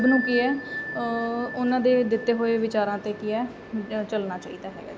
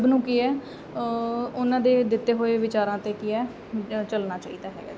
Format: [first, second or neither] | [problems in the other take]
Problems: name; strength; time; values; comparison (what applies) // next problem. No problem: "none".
second | background sound (Bell); 11 dB below the speech